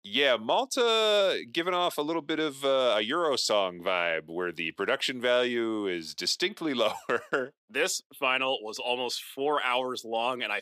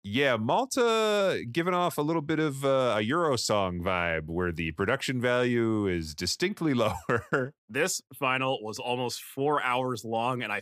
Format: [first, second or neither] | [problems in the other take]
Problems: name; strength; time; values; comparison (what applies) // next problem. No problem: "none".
second | thin; somewhat; fading below 350 Hz